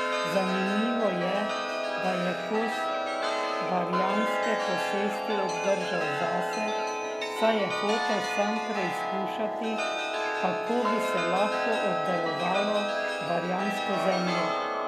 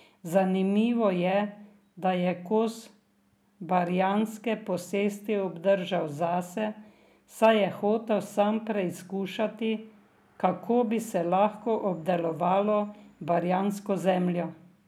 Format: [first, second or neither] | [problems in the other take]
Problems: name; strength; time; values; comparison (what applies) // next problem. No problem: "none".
second | background sound (Chime); 2 dB above the speech